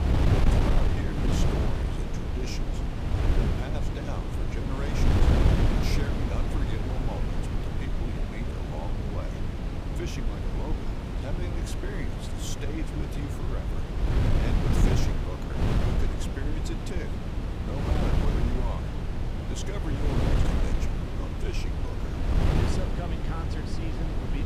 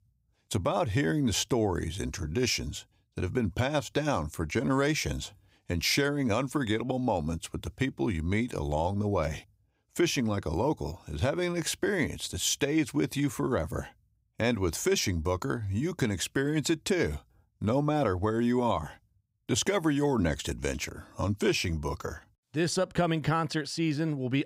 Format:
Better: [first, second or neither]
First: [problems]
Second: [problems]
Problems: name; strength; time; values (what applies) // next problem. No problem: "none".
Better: second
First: wind noise on the microphone; heavy; 5 dB above the speech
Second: none